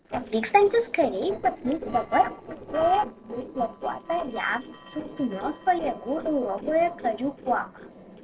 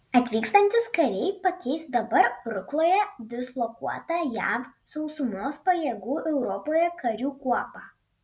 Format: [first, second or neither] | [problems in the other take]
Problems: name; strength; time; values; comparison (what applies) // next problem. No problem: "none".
second | noise reduction (neural separator model SepFormer DNS4)